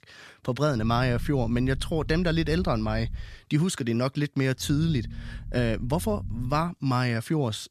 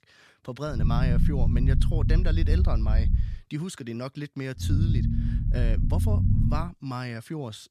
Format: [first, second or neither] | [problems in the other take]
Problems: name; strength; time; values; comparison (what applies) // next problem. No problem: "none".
first | low rumble; loud; from 1 to 3.5 s and from 4.5 to 6.5 s; 3 dB below the speech; faint in the first